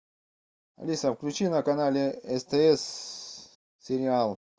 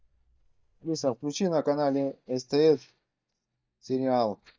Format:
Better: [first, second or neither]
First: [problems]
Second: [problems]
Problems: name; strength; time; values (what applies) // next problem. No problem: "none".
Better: first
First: none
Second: noise reduction (neural mask model DeepFilterNet 3)